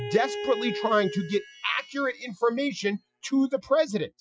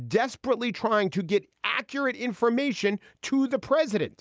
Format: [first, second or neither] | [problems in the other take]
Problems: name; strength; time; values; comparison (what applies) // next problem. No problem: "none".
second | noise reduction (classical method Wiener filter)